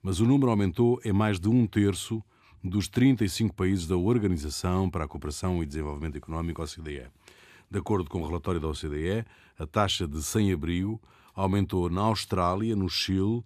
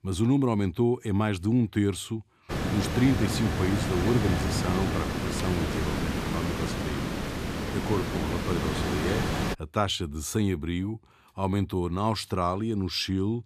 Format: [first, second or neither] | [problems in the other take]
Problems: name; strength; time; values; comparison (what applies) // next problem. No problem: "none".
first | hiss; loud; from 2.5 to 9.5 s; 2 dB below the speech